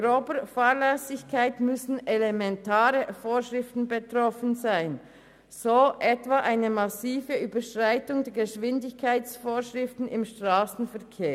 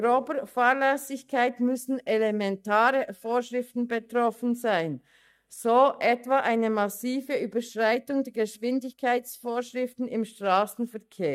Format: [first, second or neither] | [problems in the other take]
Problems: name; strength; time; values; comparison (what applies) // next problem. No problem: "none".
first | noise reduction (neural mask model DeepFilterNet 3)